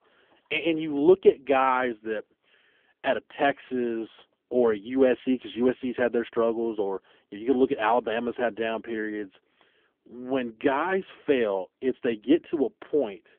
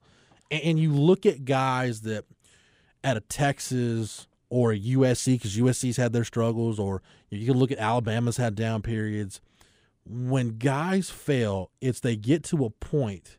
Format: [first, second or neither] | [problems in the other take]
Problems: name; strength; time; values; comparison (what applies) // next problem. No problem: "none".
second | phone-call audio; poor line; nothing above 3.5 kHz